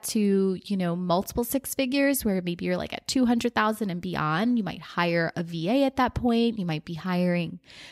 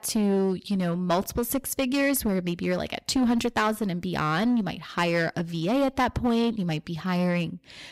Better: first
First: none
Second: distortion; slight; 8% of the sound clipped

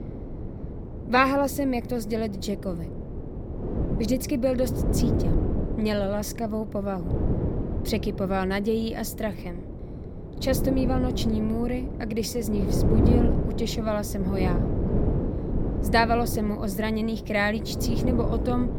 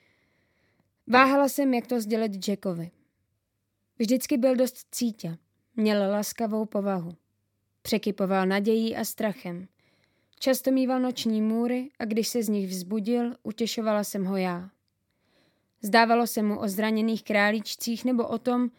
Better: second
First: wind noise on the microphone; heavy; 8 dB below the speech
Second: none

